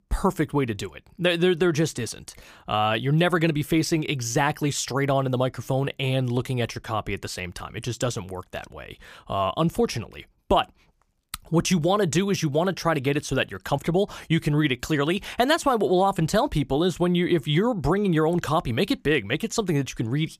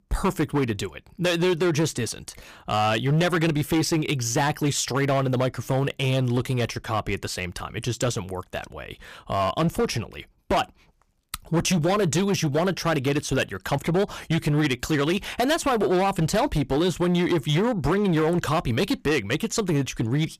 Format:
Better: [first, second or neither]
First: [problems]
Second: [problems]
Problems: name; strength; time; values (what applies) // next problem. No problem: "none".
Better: first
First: none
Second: distortion; slight; 12% of the sound clipped